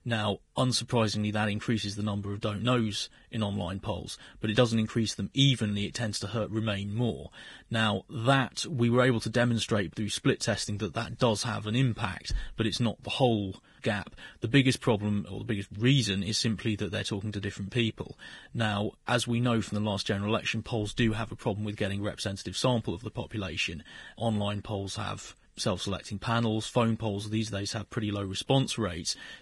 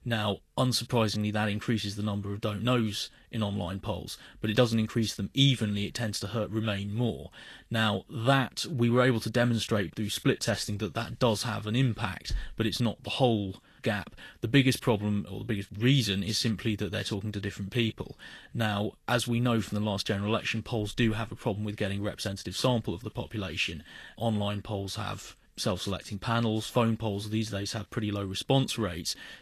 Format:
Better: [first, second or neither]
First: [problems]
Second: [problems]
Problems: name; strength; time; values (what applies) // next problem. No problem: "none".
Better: second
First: garbled, watery; badly; nothing above 10.5 kHz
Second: garbled, watery; slightly; nothing above 13 kHz